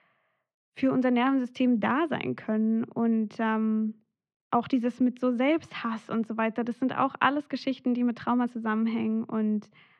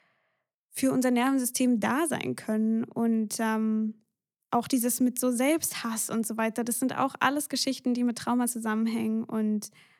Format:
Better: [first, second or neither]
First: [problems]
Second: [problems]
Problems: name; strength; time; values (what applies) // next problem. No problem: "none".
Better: second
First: muffled; very; fading above 3 kHz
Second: none